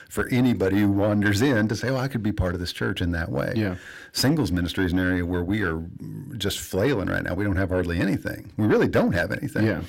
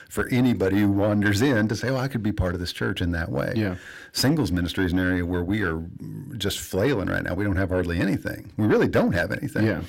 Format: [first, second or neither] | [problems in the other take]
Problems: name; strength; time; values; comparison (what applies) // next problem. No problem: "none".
neither | distortion; slight; 10 dB below the speech; the same in both